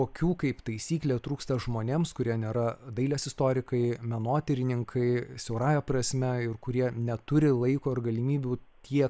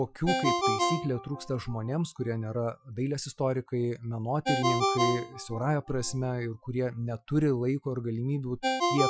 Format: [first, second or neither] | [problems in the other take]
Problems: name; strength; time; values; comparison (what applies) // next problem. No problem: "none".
first | noise reduction (classical method Wiener filter)